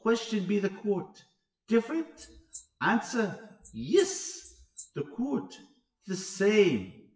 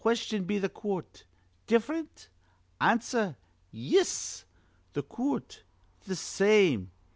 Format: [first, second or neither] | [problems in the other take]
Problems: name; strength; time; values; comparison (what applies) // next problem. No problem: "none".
second | noise reduction (classical method WPE with log-MMSE)